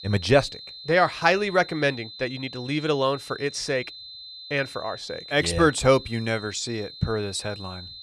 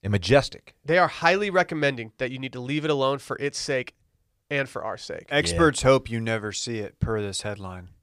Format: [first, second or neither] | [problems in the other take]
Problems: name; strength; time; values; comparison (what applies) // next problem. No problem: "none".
second | high-pitched whine; noticeable; throughout; 4 kHz, 15 dB below the speech